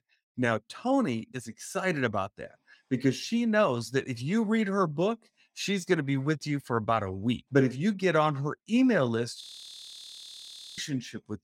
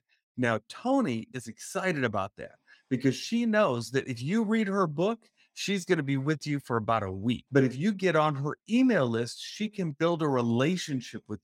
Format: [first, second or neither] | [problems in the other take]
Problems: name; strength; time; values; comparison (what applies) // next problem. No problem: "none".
second | audio freezing; at 9.5 s for 1.5 s